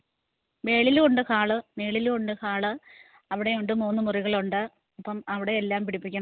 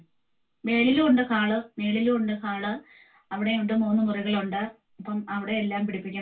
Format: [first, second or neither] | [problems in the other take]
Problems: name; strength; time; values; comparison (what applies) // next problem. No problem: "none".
first | room echo; dies away in 0.2 s